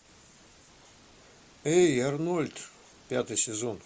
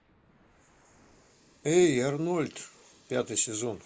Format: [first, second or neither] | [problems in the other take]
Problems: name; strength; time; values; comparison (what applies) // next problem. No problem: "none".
first | noise reduction (neural mask model Resemble Enhance denoiser)